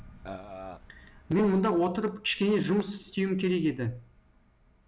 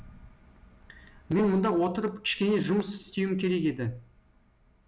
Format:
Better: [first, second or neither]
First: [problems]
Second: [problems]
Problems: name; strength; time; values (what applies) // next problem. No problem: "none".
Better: second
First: background sound (Burping, eructation); 13 dB below the speech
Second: none